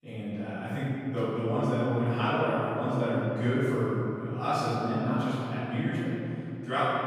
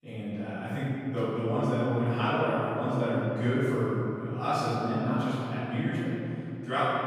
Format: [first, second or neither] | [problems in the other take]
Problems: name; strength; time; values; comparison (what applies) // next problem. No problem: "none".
neither | off-mic speech; far; the same in both // room echo; strong; dies away in 3 s; the same in both